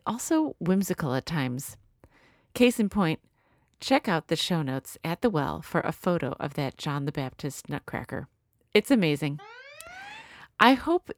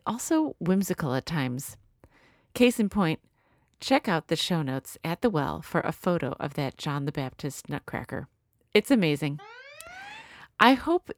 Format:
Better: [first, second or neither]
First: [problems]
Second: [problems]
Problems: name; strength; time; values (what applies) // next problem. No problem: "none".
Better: neither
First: alarm; faint; at 9.5 s; peak 15 dB below the speech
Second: alarm; faint; at 9.5 s; peak 15 dB below the speech